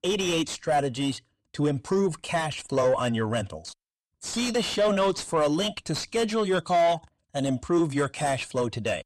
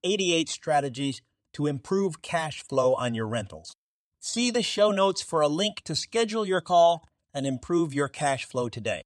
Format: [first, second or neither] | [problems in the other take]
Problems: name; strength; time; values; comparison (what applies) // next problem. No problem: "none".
second | distortion; slight; 10 dB below the speech